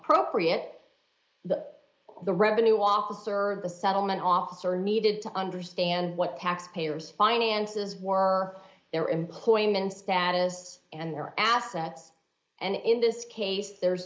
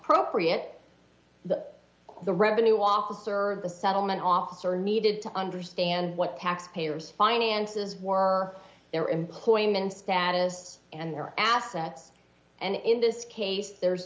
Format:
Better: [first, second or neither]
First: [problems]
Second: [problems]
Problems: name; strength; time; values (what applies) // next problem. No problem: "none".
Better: second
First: noise reduction (neural mask model Resemble Enhance denoiser)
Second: none